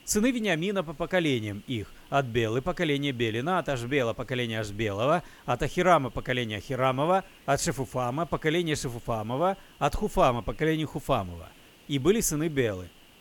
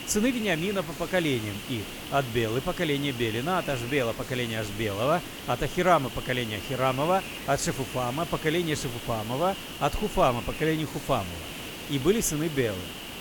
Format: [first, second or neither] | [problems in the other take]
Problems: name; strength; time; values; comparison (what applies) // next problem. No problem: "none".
first | hiss; loud; throughout; 9 dB below the speech; faint in the first